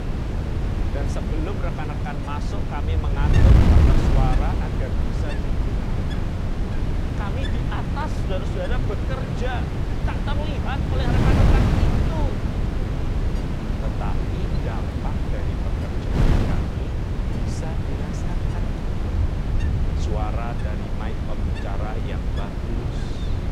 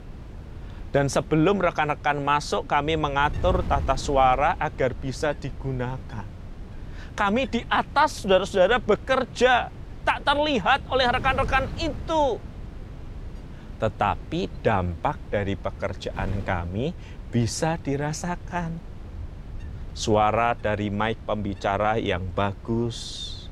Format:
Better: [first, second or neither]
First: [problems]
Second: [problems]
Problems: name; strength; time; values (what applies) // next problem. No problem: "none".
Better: second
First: wind noise on the microphone; heavy; 2 dB above the speech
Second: wind noise on the microphone; occasional gusts; 25 dB below the speech